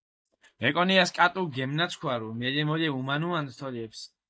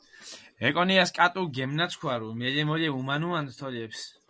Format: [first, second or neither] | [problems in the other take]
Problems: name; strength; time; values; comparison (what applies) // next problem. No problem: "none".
second | noise reduction (neural mask model DeepFilterNet 3)